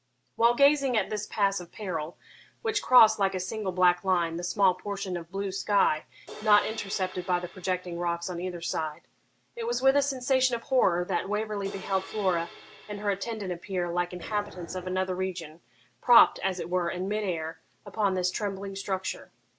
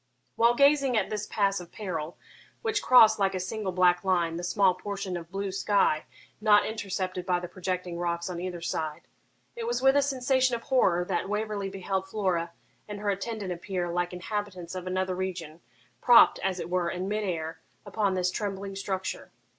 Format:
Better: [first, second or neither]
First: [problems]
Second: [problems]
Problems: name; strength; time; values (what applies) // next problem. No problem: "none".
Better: second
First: background sound (Crash cymbal + Dog); 17 dB below the speech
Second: none